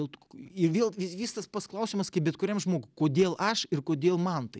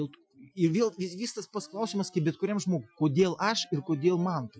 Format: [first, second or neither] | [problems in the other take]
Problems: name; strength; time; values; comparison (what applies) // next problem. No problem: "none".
first | noise reduction (classical method Wiener filter)